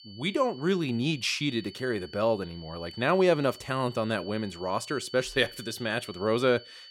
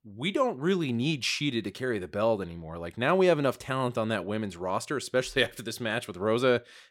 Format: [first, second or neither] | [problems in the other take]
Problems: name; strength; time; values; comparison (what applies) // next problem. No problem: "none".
second | high-pitched whine; noticeable; throughout; 4.5 kHz, 20 dB below the speech